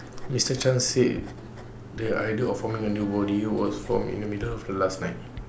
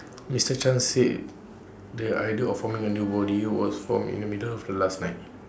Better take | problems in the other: second | background sound (Writing); 12 dB below the speech

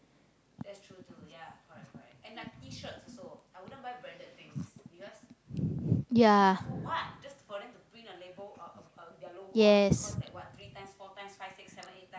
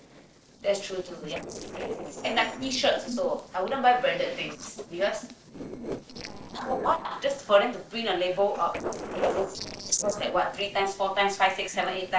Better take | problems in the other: first | noise reduction (neural separator model SepFormer DNS4)

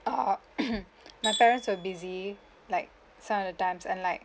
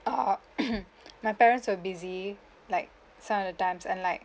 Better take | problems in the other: second | background sound (Tools); 11 dB below the speech

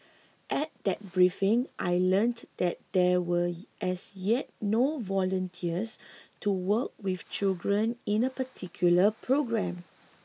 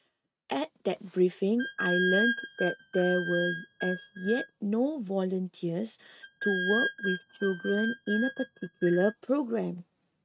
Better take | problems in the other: first | noise reduction (neural mask model RNNoise)

